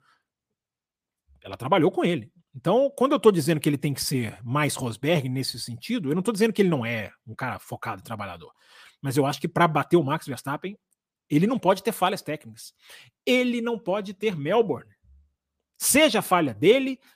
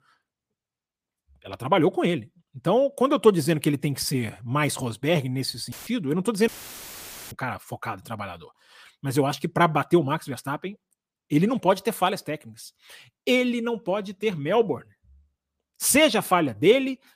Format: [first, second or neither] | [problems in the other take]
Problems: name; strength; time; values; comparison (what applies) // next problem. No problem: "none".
first | audio cutting out; filled with static; at 5.5 s and at 6.5 s for 1 s